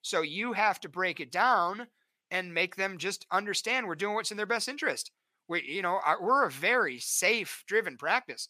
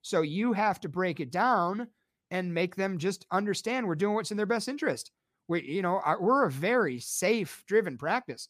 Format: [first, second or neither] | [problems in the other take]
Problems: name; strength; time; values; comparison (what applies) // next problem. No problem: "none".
second | thin; somewhat; fading below 1 kHz